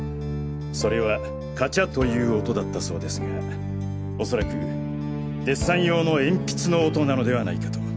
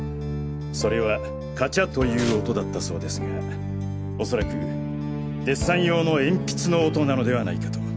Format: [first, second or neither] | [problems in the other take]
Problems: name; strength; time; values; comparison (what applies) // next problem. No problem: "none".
first | background sound (Tearing); 17 dB below the speech